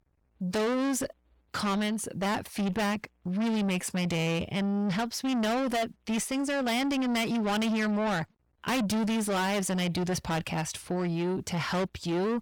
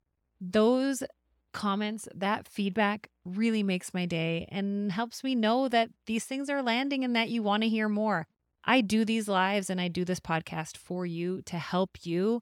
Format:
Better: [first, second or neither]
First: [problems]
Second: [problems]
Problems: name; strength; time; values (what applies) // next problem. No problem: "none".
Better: second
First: distortion; heavy; 5 dB below the speech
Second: none